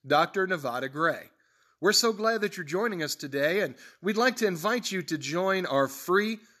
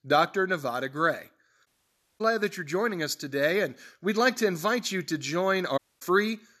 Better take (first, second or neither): first